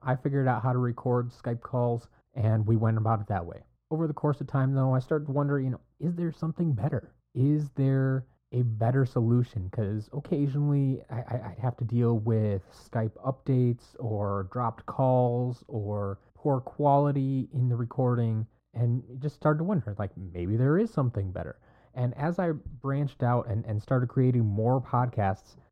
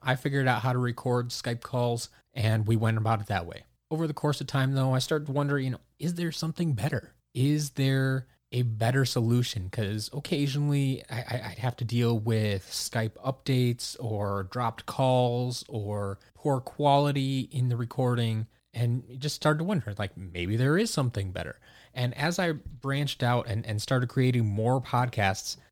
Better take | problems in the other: second | muffled; very; fading above 1.5 kHz

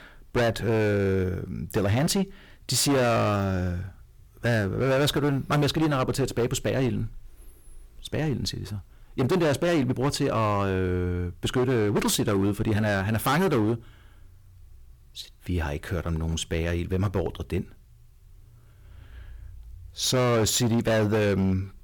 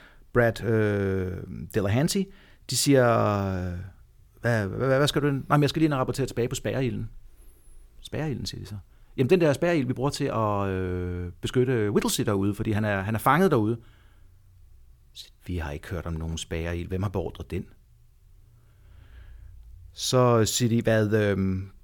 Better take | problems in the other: second | distortion; heavy; 12% of the sound clipped

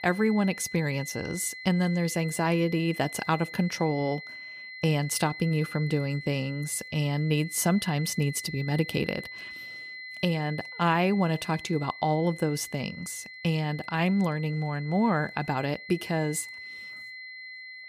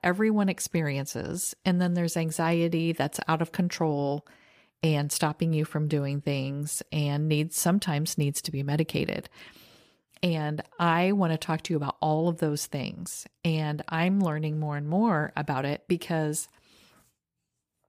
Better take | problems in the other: second | high-pitched whine; noticeable; throughout; 2 kHz, 10 dB below the speech

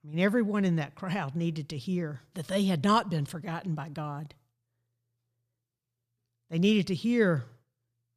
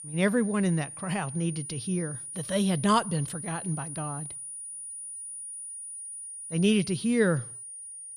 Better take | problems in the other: first | high-pitched whine; loud; throughout; 9.5 kHz, 9 dB below the speech

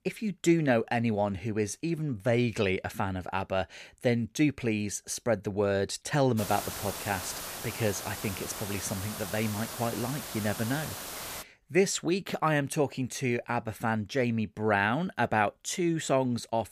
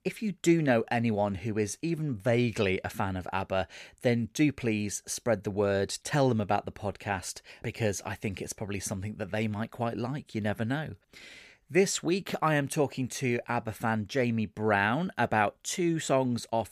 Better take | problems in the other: second | hiss; loud; from 6.5 to 11 s; 8 dB below the speech

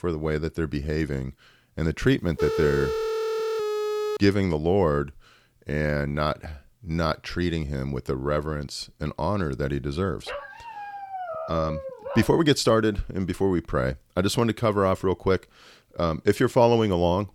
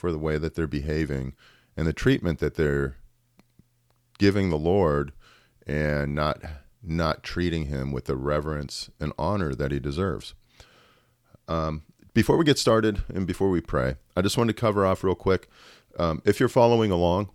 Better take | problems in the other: second | phone ringing; noticeable; from 2.5 to 4 s; peak 2 dB below the speech // dog barking; noticeable; from 10 to 12 s; peak 7 dB below the speech

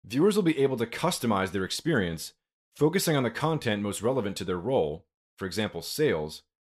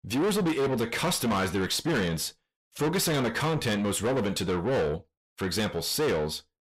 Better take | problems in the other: first | distortion; heavy; 6 dB below the speech

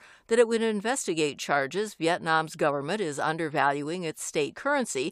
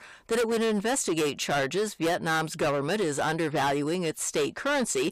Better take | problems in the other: first | distortion; heavy; 19% of the sound clipped

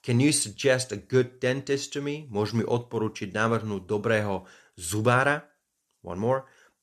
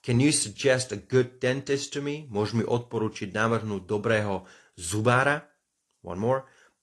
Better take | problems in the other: first | garbled, watery; slightly

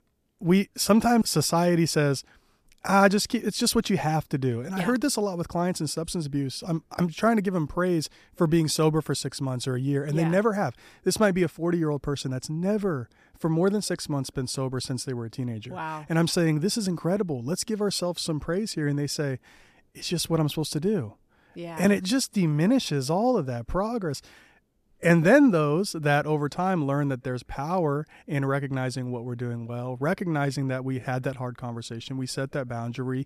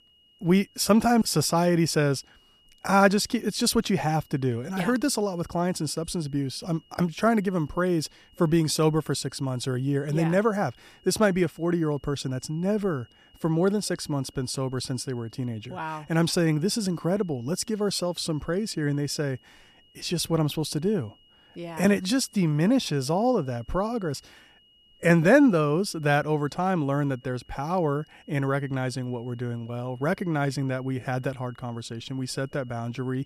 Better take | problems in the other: first | high-pitched whine; faint; throughout; 3 kHz, 30 dB below the speech

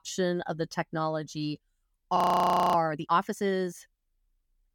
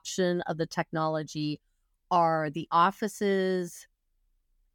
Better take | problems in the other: second | audio freezing; at 2 s for 0.5 s

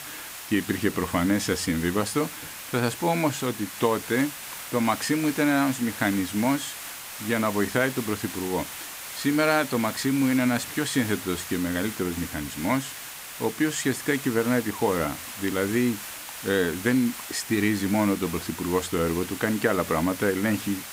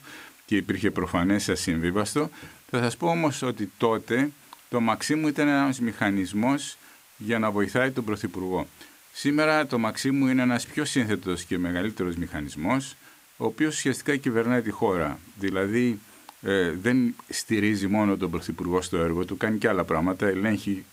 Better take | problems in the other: second | hiss; loud; throughout; 10 dB below the speech; faint in the second

